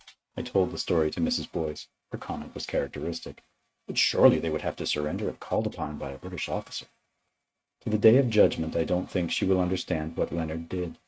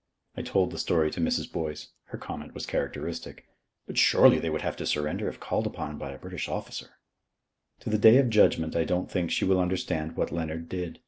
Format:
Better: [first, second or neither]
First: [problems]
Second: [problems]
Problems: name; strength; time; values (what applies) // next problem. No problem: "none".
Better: second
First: noise reduction (neural mask model RNNoise)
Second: none